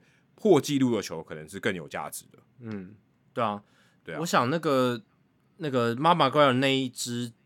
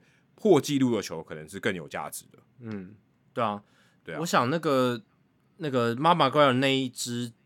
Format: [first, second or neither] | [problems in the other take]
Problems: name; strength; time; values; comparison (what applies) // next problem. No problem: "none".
neither | none